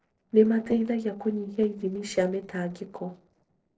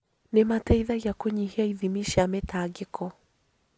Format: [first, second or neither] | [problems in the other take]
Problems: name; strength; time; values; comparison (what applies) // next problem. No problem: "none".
second | noise reduction (neural separator model SepFormer DNS4)